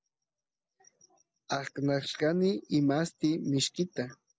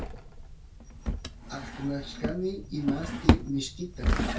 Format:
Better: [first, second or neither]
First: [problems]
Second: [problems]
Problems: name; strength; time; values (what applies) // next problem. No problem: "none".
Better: first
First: none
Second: background sound (Drawer open or close); 5 dB above the speech // room echo; dies away in 0.2 s